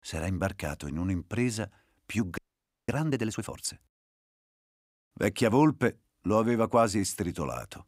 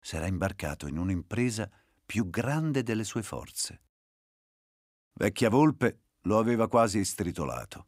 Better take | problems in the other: second | audio freezing; at 2.5 s for 0.5 s

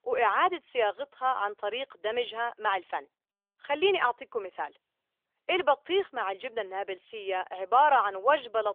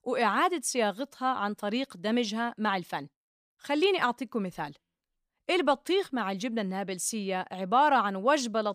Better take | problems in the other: second | phone-call audio; nothing above 3.5 kHz

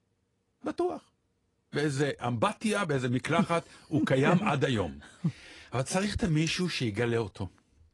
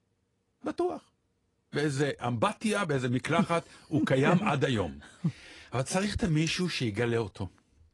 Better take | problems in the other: neither | garbled, watery; slightly; nothing above 10.5 kHz; the same in both

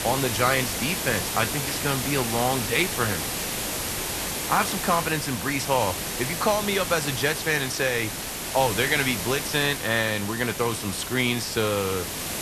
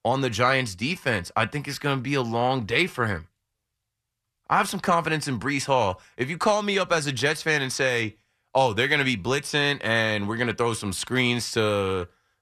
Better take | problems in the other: second | hiss; loud; throughout; 3 dB below the speech

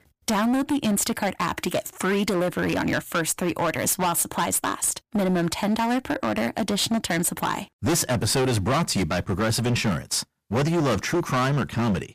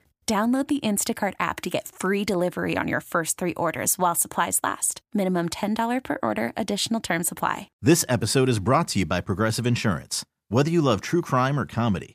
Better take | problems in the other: second | distortion; heavy; 20% of the sound clipped

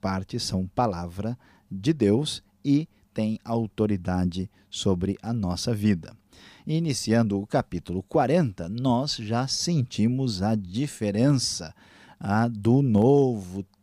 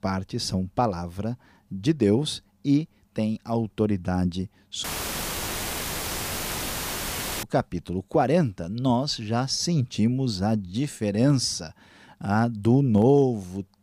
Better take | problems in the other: first | audio cutting out; filled with static; at 5 s for 2.5 s

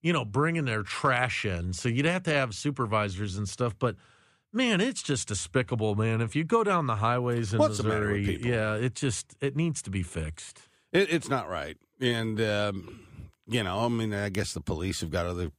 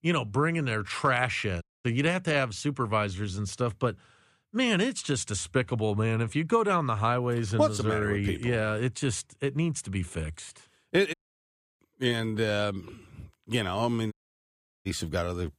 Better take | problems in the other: first | audio cutting out; at 1.5 s, at 11 s for 0.5 s and at 14 s for 0.5 s

